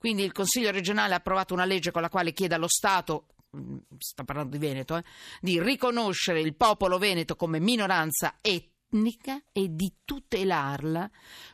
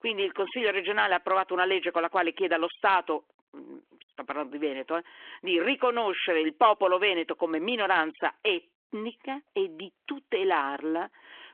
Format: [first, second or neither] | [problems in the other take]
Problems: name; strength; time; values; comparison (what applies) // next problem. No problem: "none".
first | phone-call audio